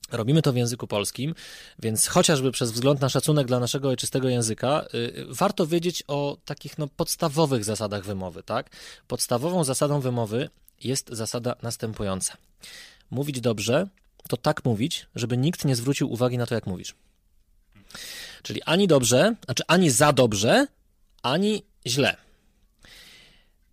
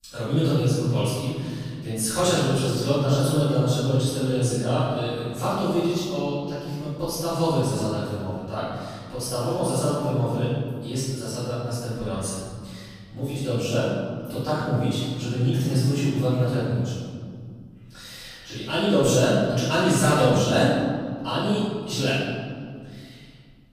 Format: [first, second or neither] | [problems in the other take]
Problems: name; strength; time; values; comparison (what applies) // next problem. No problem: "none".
first | room echo; strong; dies away in 2.1 s // off-mic speech; far